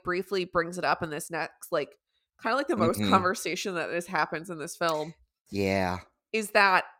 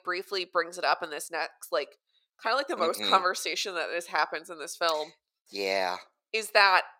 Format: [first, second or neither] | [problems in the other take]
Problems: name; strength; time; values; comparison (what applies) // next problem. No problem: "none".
first | thin; very; fading below 550 Hz